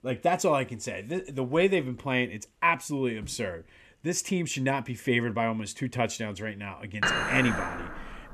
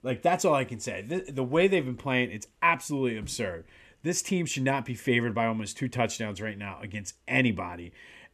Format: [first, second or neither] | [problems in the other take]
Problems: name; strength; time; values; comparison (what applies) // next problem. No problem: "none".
second | clattering dishes; loud; from 7 s on; peak 3 dB above the speech